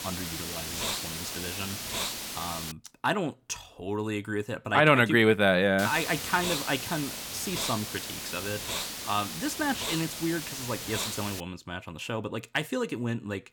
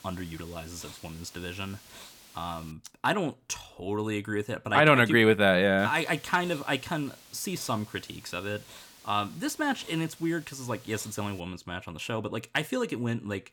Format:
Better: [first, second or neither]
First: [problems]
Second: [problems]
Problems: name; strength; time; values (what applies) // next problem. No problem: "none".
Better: second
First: hiss; loud; until 2.5 s and from 6 to 11 s; 5 dB below the speech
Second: hiss; faint; until 2.5 s and from 6 to 11 s; 20 dB below the speech